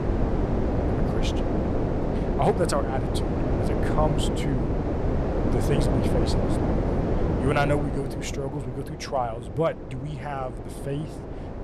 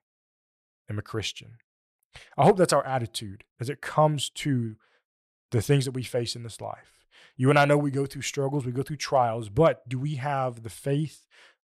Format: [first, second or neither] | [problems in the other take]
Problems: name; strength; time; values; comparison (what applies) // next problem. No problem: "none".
second | wind noise on the microphone; heavy; 1 dB below the speech